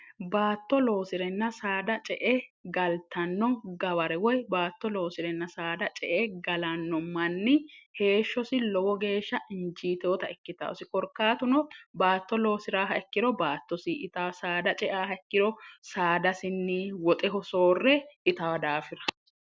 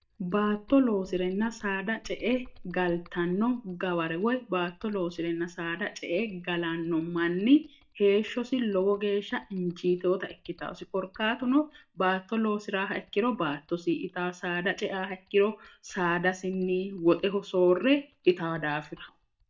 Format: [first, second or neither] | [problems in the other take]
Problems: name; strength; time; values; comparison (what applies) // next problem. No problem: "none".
first | noise reduction (neural mask model DeepFilterNet 3)